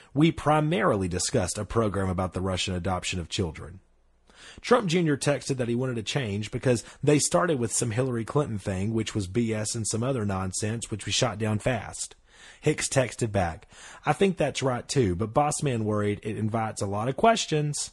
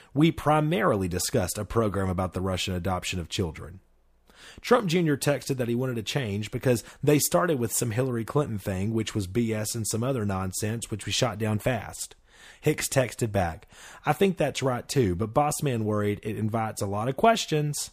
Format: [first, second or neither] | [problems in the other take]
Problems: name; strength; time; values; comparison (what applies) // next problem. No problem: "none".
second | garbled, watery; slightly; nothing above 10 kHz